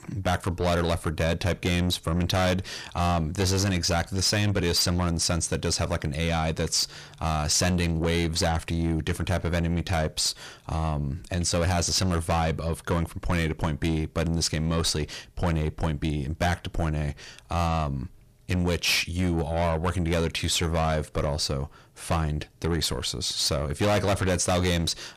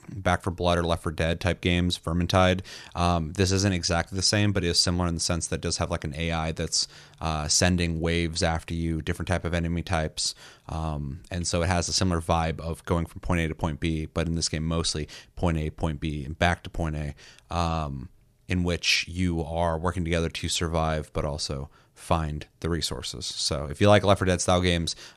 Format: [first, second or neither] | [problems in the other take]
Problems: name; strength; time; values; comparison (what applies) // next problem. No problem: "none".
second | distortion; heavy; 8 dB below the speech